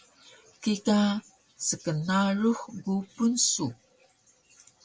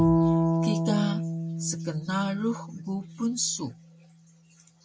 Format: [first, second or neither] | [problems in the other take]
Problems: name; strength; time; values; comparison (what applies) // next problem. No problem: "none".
first | background sound (Bowed string instrument); 3 dB above the speech